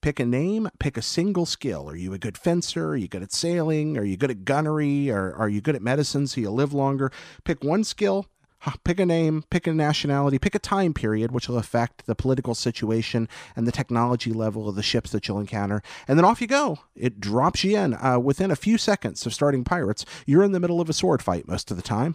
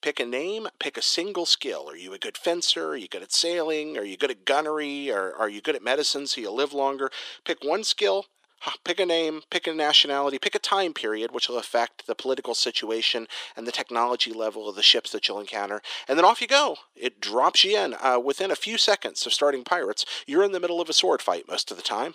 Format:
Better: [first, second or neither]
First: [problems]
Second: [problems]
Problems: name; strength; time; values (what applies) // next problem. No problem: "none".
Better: first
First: none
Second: thin; very; fading below 400 Hz